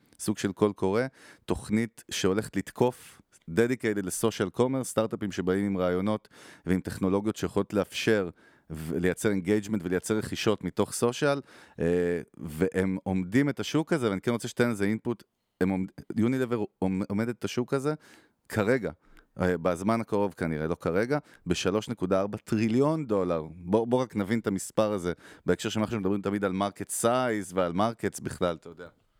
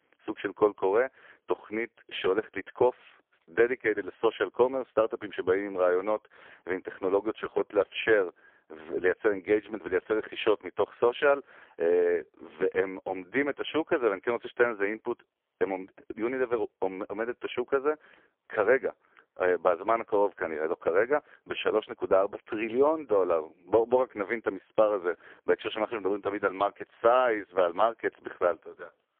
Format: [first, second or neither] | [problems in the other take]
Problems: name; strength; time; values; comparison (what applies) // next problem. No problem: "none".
first | phone-call audio; poor line; nothing above 3.5 kHz